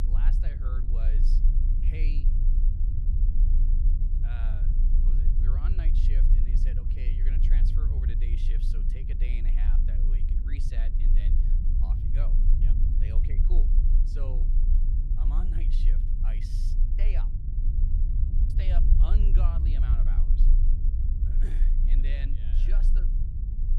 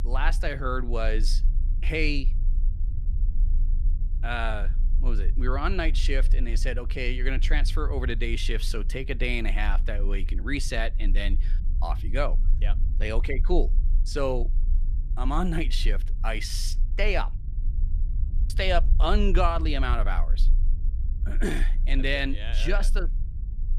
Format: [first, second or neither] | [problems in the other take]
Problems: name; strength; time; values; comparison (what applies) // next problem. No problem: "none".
second | low rumble; loud; throughout; as loud as the speech; faint in the second